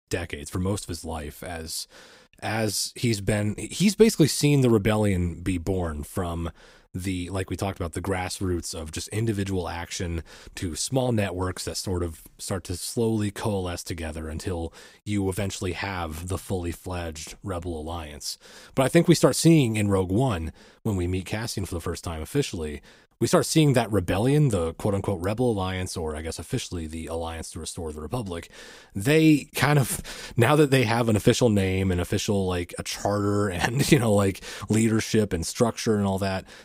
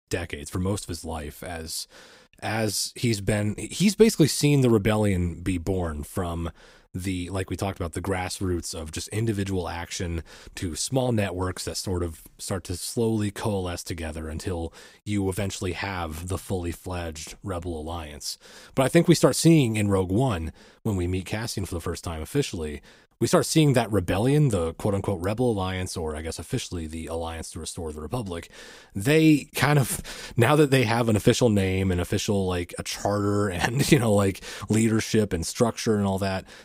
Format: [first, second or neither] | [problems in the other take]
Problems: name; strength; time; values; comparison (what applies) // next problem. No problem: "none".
neither | none